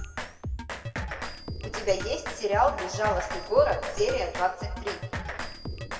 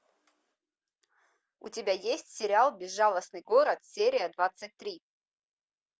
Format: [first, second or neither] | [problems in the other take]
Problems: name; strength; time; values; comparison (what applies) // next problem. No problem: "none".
second | background sound (Drum kit); 6 dB below the speech // room echo; dies away in 1.7 s